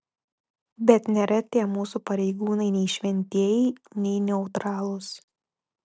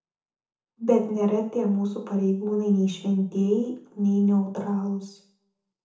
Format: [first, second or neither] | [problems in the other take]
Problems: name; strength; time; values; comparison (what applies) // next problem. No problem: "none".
first | room echo; dies away in 0.7 s